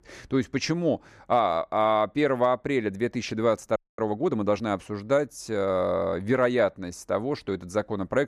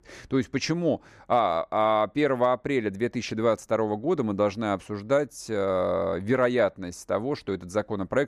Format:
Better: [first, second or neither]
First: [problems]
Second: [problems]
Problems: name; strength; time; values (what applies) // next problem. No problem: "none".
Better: second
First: audio freezing; at 4 s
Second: none